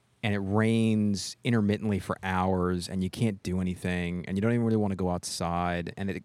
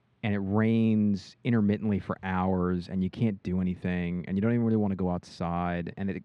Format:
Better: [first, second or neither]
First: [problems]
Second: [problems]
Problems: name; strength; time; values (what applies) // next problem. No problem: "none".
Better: first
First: none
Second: muffled; slightly; fading above 3 kHz